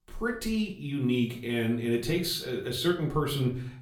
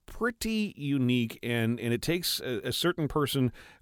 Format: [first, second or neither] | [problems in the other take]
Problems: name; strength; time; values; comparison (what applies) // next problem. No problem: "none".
second | room echo; slight; dies away in 0.4 s // off-mic speech; far